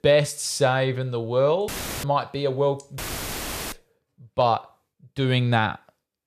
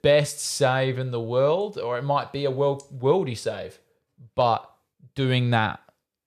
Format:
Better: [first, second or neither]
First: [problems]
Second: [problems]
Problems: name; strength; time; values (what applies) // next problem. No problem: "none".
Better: second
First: audio cutting out; filled with static; at 1.5 s and at 3 s for 0.5 s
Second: none